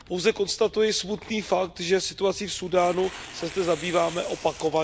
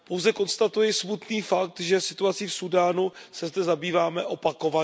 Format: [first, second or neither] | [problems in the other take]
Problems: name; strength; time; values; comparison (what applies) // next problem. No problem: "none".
second | background sound (Tearing); 18 dB below the speech